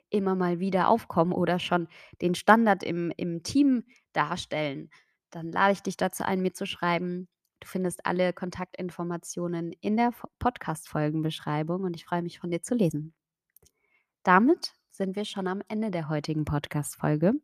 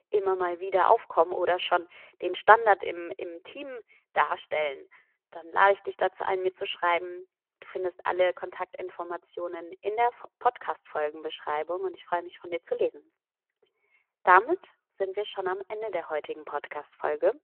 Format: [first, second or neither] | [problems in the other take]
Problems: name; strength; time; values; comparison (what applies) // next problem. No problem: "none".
first | phone-call audio